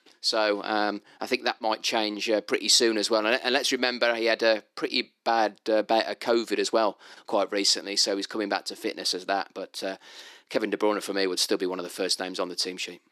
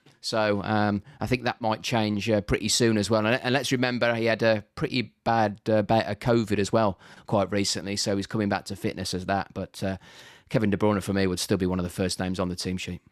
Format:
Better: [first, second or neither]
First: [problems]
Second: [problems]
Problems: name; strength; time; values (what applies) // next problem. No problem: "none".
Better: second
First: thin; somewhat; fading below 300 Hz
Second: none